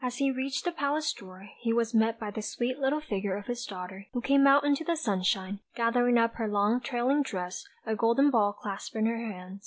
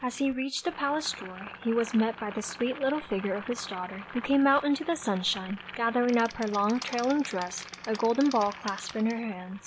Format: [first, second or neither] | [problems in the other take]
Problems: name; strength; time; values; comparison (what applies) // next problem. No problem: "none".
first | background sound (Boiling + Insect); 15 dB below the speech